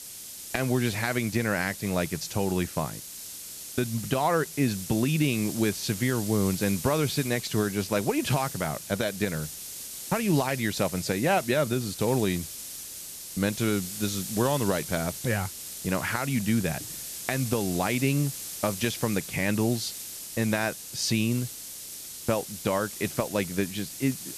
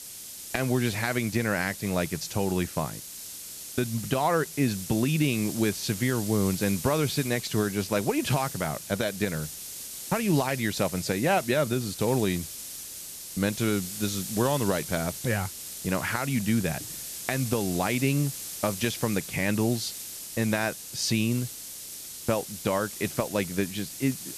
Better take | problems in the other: neither | hiss; loud; throughout; 8 dB below the speech; the same in both

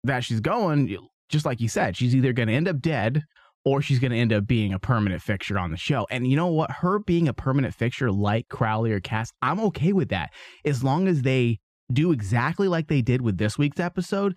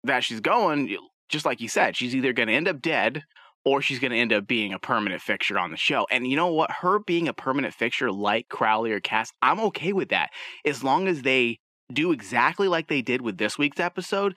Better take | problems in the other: first | thin; somewhat; fading below 250 Hz

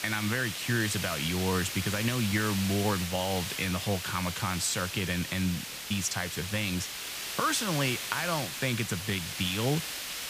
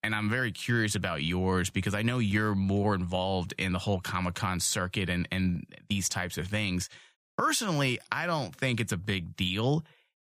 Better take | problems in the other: second | hiss; loud; throughout; 4 dB below the speech

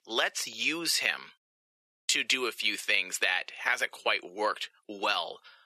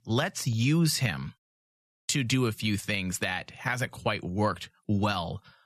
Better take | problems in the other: second | thin; very; fading below 400 Hz

